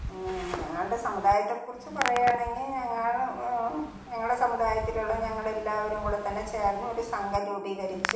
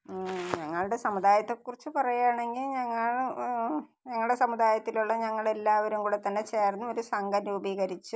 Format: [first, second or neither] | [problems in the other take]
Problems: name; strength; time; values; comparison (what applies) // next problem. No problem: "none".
second | background sound (Hands); 10 dB below the speech // room echo; dies away in 0.7 s